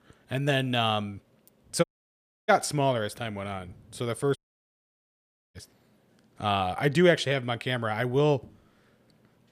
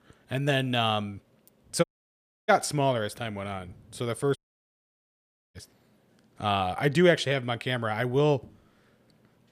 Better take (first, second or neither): neither